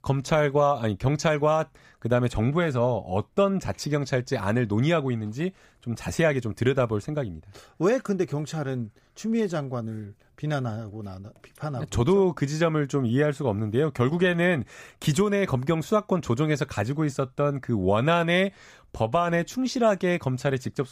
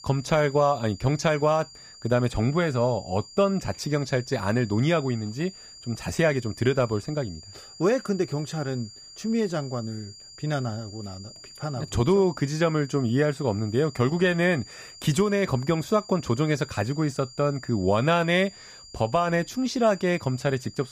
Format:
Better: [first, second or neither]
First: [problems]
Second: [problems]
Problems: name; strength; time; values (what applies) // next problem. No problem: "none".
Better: first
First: none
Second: high-pitched whine; noticeable; throughout; 4.5 kHz, 20 dB below the speech